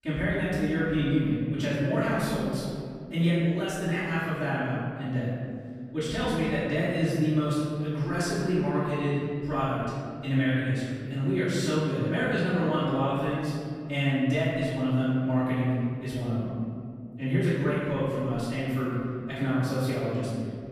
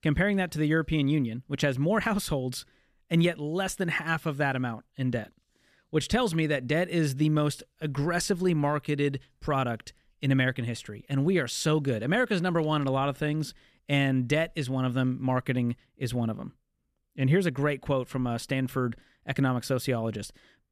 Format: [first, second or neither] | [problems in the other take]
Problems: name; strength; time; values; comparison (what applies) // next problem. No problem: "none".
second | room echo; strong; dies away in 2.3 s // off-mic speech; far